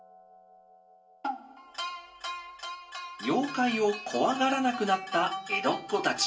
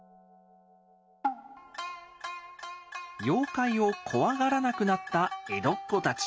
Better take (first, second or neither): second